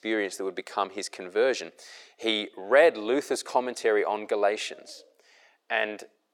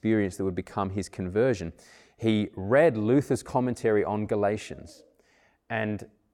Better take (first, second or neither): second